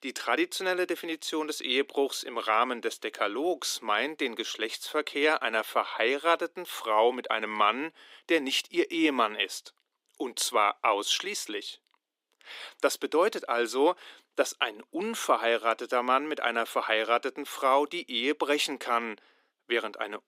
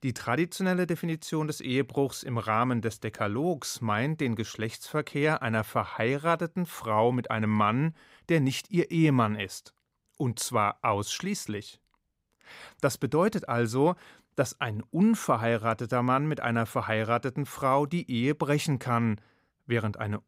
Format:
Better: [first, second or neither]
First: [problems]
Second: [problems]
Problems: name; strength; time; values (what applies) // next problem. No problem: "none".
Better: second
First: thin; somewhat; fading below 300 Hz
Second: none